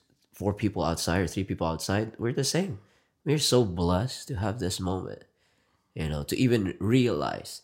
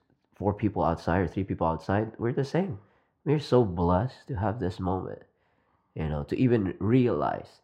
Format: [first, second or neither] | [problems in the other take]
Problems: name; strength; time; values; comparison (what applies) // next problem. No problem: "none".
first | muffled; very; fading above 4 kHz